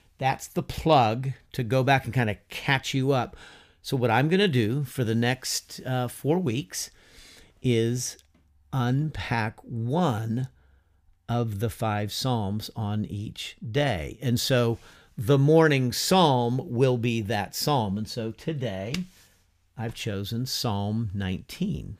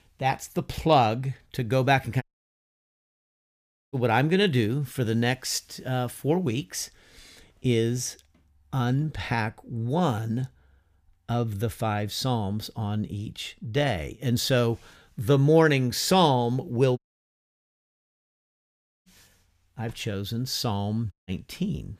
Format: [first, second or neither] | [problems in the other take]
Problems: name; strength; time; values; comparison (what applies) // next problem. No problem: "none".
first | audio cutting out; at 2 s for 1.5 s, at 17 s for 2 s and at 21 s